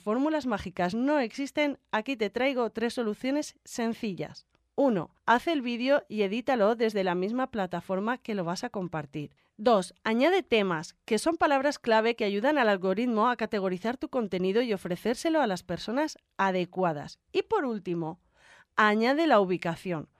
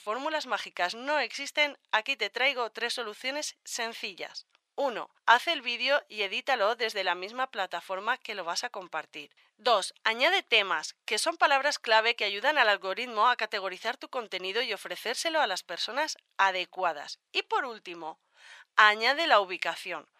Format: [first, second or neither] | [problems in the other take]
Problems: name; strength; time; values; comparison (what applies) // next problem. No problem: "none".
first | thin; very; fading below 800 Hz